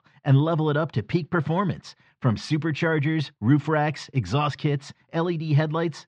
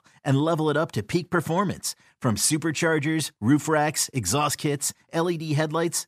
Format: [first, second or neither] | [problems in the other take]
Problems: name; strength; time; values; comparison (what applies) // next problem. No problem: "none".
second | muffled; slightly; fading above 4 kHz